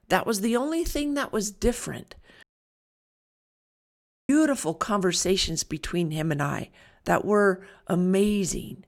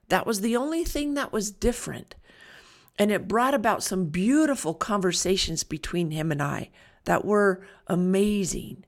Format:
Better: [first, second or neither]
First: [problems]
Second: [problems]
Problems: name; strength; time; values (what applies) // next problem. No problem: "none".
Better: second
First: audio cutting out; at 2.5 s for 2 s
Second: none